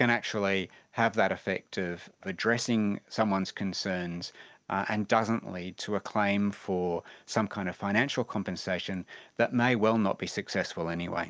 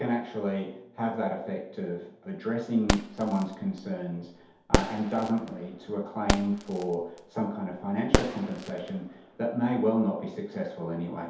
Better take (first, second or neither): first